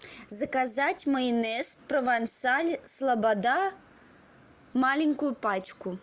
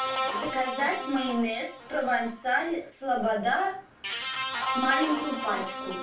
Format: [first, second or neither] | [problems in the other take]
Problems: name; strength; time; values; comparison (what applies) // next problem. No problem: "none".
first | background sound (Guitar); 5 dB below the speech // room echo; dies away in 0.3 s